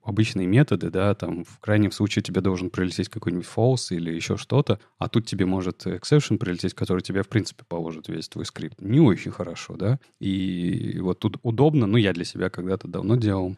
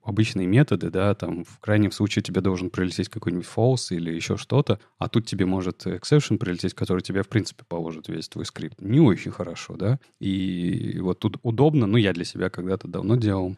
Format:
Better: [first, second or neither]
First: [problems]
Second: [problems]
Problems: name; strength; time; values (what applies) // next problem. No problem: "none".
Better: neither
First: none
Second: none